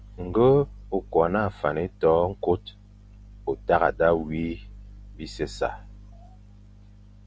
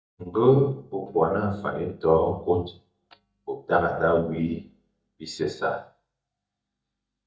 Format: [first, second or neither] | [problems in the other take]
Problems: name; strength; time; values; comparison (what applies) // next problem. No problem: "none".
first | noise reduction (neural mask model DeepFilterNet 3)